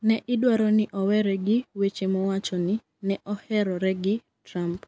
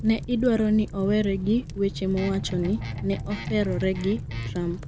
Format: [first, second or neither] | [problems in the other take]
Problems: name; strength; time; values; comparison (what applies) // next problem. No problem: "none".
first | background sound (Fire + Guitar); 8 dB below the speech